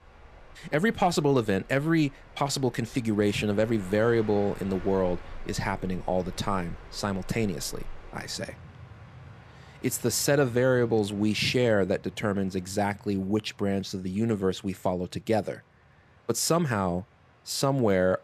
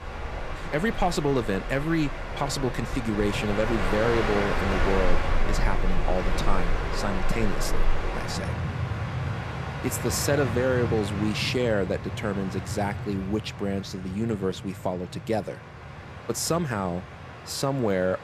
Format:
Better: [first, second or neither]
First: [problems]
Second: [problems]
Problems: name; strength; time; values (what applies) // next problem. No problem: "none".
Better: first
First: train or aircraft noise; faint; throughout; 20 dB below the speech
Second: train or aircraft noise; loud; throughout; 3 dB below the speech